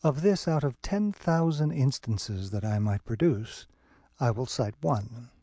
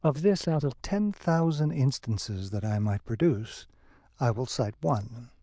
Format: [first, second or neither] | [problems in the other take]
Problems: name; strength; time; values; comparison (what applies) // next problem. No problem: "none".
first | noise reduction (neural diffusion model UNIVERSE++)